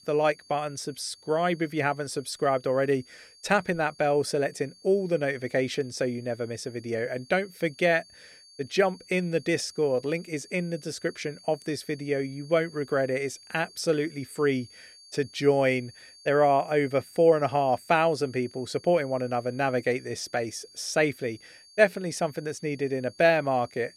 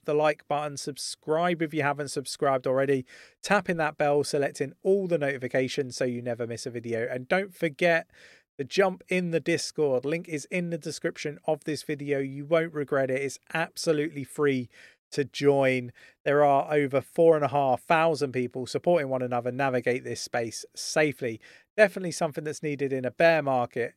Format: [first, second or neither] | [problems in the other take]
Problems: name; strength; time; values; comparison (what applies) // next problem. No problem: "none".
second | high-pitched whine; faint; throughout; 4.5 kHz, 25 dB below the speech